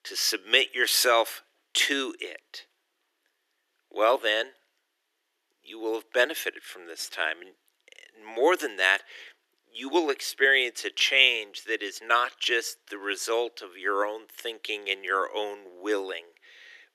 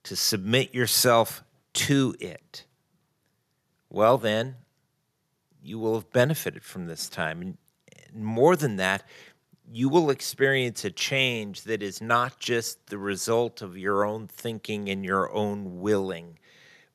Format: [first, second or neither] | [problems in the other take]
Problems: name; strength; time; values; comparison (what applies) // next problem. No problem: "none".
second | thin; very; fading below 300 Hz